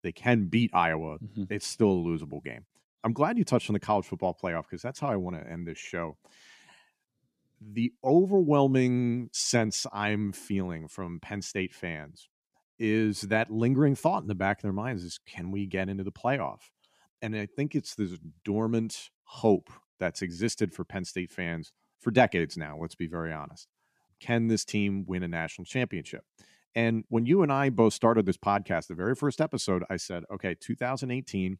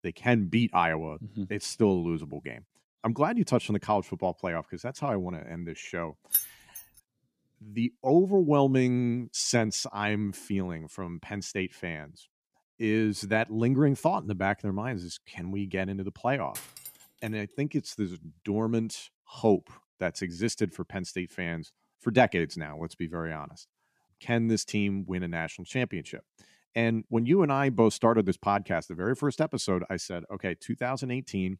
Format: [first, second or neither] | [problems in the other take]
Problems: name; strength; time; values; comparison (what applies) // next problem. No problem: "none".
first | jangling keys; loud; at 6.5 s; peak 2 dB above the speech // clattering dishes; faint; at 17 s; peak 10 dB below the speech